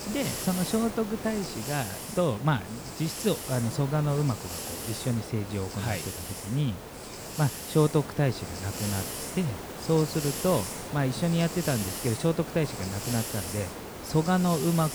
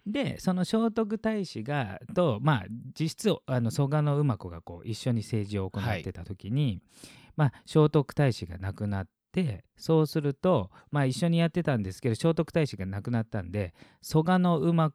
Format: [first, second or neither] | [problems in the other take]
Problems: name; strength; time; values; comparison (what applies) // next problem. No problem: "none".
second | hiss; loud; throughout; 7 dB below the speech